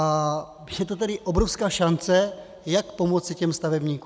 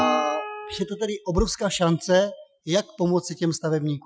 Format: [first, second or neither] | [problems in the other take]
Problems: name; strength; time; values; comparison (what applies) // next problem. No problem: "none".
first | noise reduction (classical method Wiener filter)